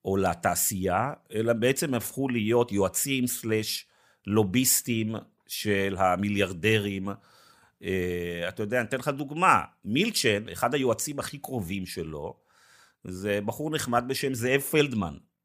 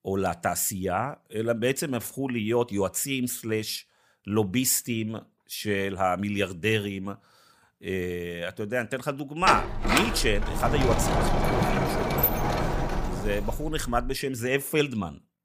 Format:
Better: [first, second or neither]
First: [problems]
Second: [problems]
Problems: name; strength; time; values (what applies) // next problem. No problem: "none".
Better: first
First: none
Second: door banging; loud; from 9.5 to 14 s; peak 4 dB above the speech